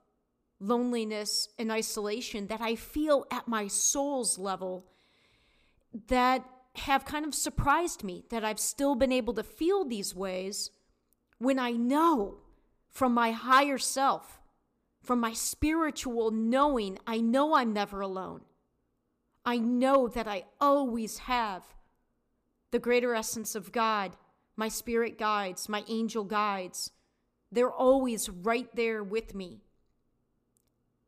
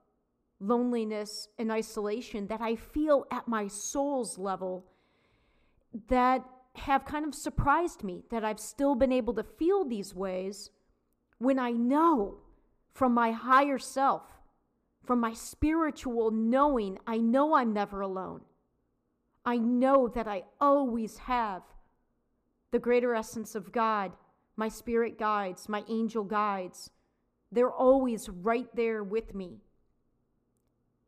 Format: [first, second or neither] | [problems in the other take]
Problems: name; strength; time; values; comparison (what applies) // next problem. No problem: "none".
first | muffled; slightly; fading above 2.5 kHz